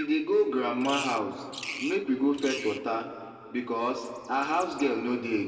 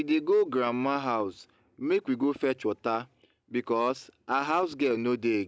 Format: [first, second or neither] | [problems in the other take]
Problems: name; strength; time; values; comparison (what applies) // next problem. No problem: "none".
second | background sound (Bird vocalization, bird call, bird song); 14 dB below the speech // room echo; dies away in 1.8 s